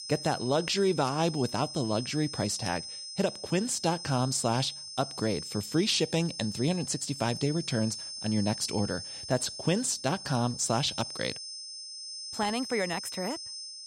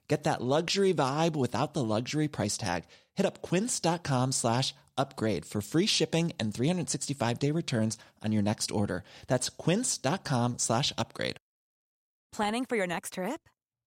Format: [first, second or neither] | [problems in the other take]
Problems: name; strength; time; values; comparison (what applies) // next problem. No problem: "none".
second | high-pitched whine; loud; throughout; 5 kHz, 8 dB below the speech